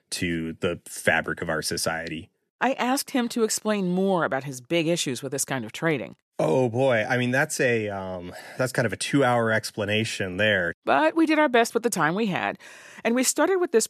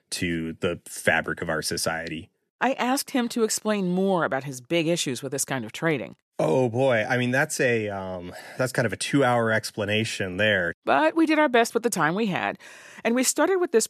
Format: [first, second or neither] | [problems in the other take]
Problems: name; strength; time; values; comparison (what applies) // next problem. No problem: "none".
neither | none